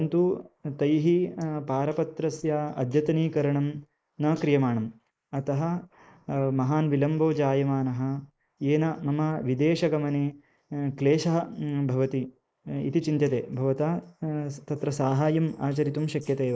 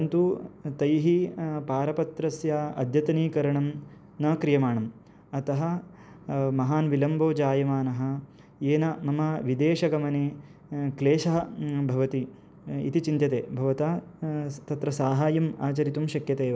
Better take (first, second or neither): second